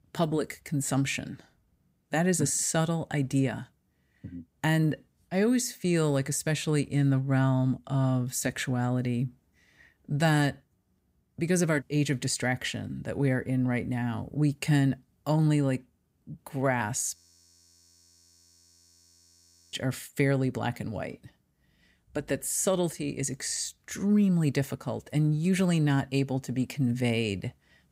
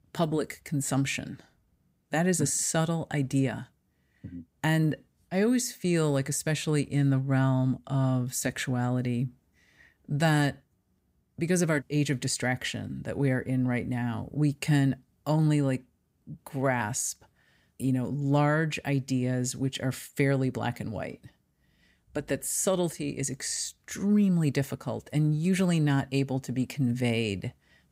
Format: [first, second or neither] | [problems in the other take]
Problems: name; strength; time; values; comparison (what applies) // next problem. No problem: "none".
second | audio freezing; at 17 s for 2.5 s